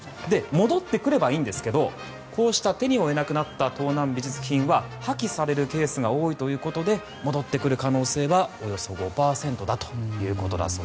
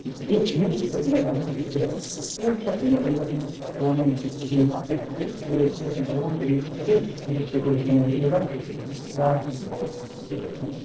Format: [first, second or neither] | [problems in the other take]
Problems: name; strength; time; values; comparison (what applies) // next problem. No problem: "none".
first | noise reduction (neural separator model SepFormer DNS4)